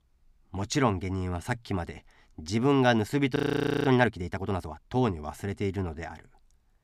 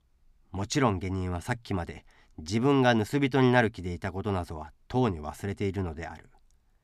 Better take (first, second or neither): second